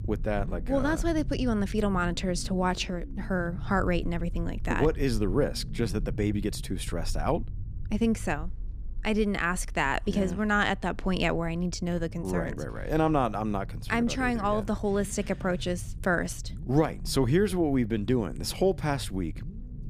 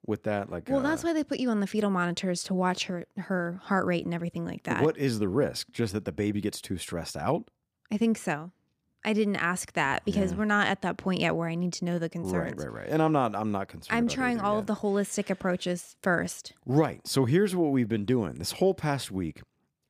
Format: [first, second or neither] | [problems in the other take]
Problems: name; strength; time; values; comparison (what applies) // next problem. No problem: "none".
second | low rumble; faint; throughout; 25 dB below the speech